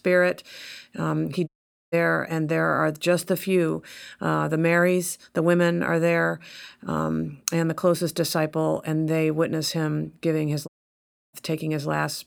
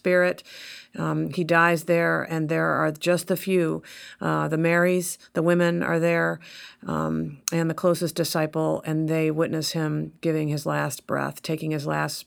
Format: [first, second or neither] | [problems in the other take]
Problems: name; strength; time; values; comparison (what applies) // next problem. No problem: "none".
second | audio cutting out; at 1.5 s and at 11 s for 0.5 s